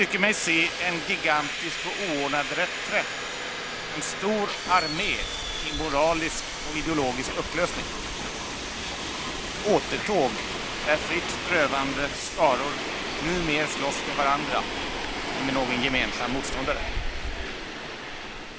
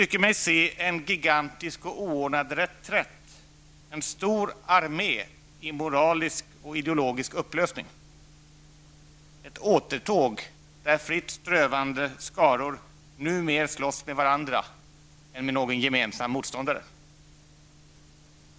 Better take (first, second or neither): second